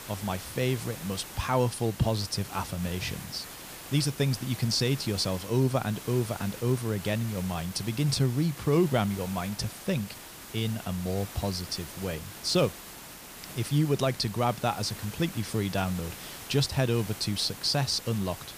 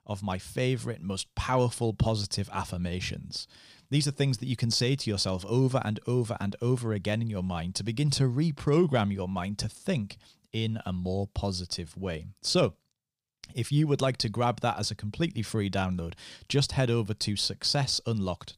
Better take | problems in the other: second | hiss; noticeable; throughout; 10 dB below the speech

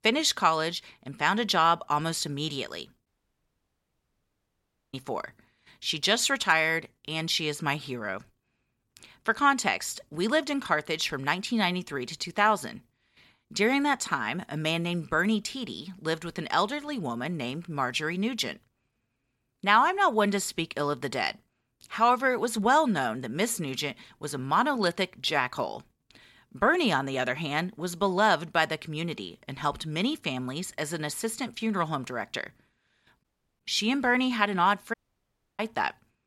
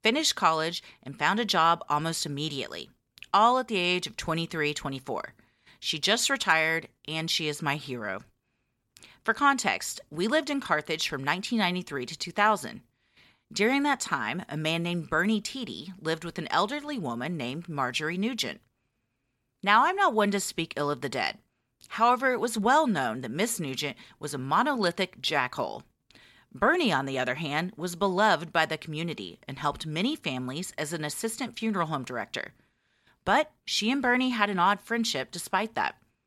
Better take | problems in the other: second | audio cutting out; at 3 s for 2 s, at 33 s and at 35 s for 0.5 s

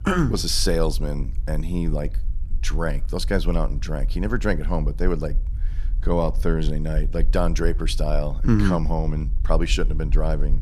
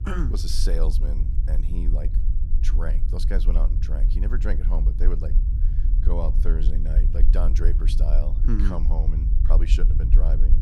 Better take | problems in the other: first | low rumble; loud; throughout; 7 dB below the speech; faint in the first

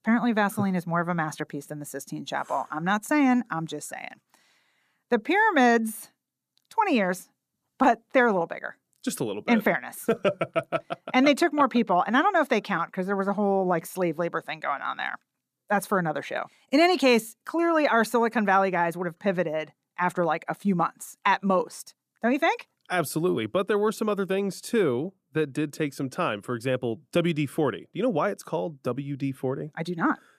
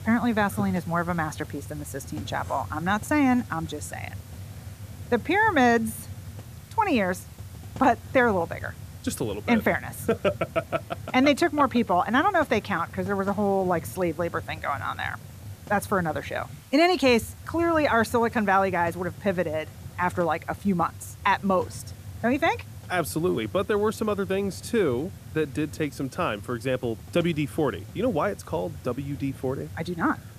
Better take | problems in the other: first | hiss; noticeable; throughout; 15 dB below the speech

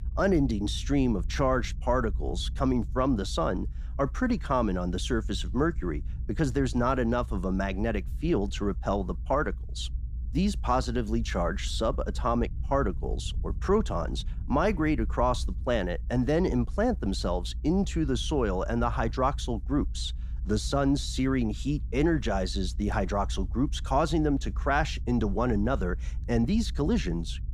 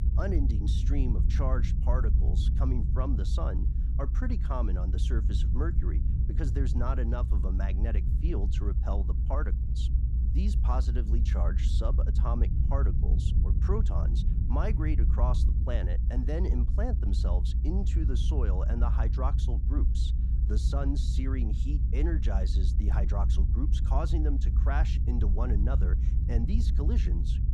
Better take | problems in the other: first | low rumble; loud; throughout; 6 dB below the speech; faint in the first

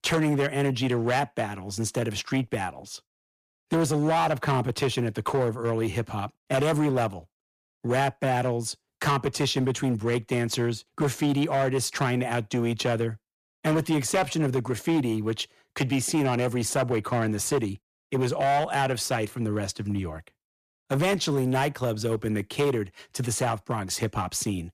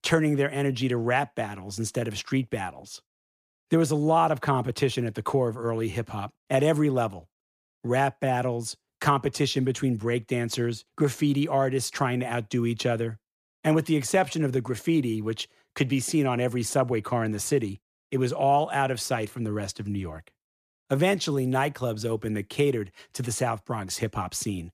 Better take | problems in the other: second | distortion; slight; 10% of the sound clipped

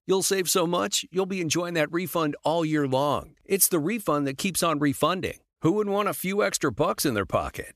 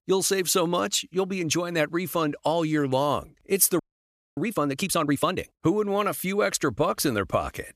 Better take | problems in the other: first | audio freezing; at 4 s for 0.5 s

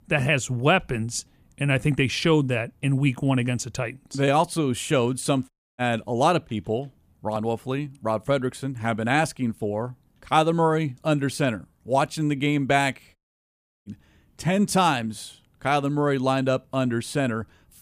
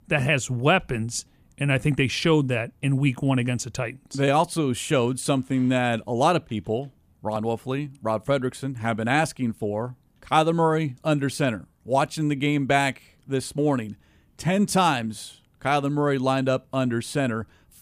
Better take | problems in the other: second | audio cutting out; at 5.5 s and at 13 s for 0.5 s

